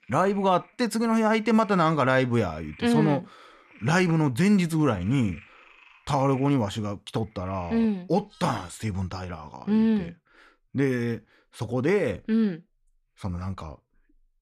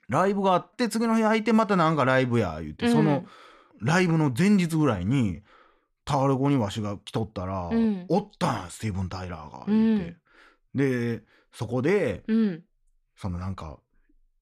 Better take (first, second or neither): second